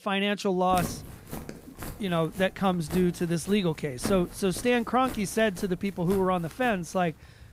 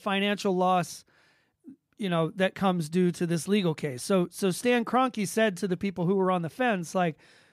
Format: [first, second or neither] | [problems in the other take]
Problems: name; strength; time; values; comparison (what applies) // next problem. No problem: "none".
second | footsteps; noticeable; from 0.5 s on; peak 7 dB below the speech